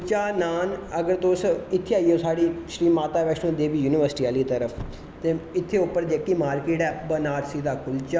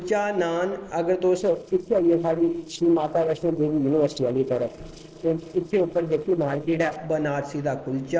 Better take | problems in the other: first | noise reduction (neural separator model SepFormer DNS4)

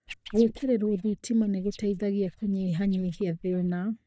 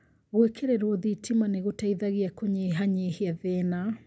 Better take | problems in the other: second | noise reduction (neural mask model DeepFilterNet 3)

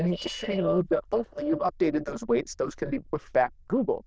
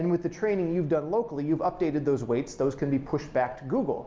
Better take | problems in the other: second | noise reduction (neural diffusion model UNIVERSE++)

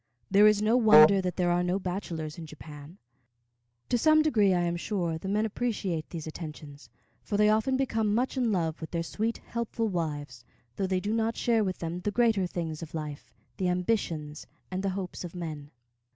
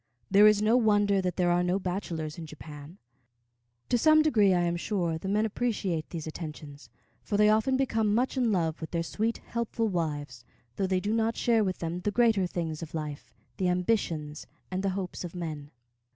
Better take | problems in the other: second | background sound (Wind instrument, woodwind instrument); 4 dB above the speech

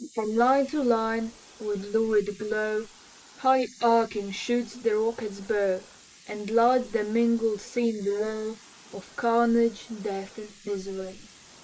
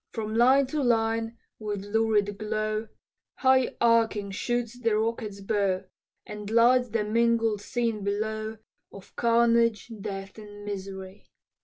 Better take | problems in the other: second | noise reduction (neural mask model Resemble Enhance denoiser)

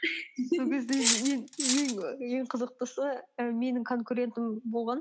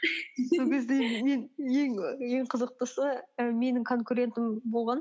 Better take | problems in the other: second | background sound (Cutlery, silverware); as loud as the speech

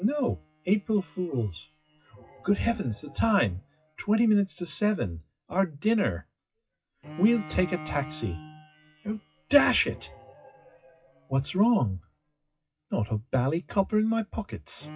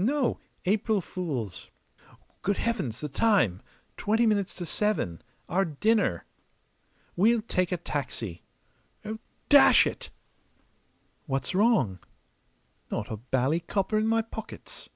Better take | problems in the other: second | noise reduction (classical method WPE with log-MMSE)

